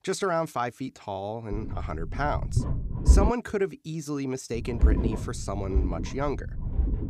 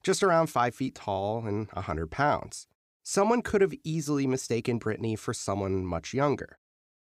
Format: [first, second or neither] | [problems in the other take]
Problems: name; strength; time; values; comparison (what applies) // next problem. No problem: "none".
second | low rumble; loud; from 1.5 to 3.5 s and from 4.5 s on; 9 dB below the speech